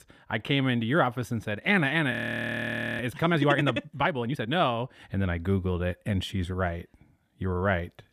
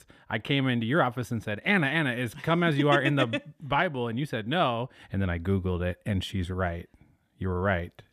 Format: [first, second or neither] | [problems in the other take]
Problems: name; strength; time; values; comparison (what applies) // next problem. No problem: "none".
second | audio freezing; at 2 s for 1 s